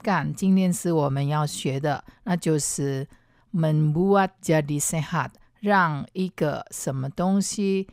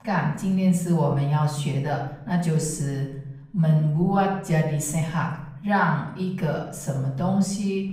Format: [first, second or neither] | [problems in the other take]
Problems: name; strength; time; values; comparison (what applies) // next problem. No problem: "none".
first | off-mic speech; far // room echo; noticeable; dies away in 0.7 s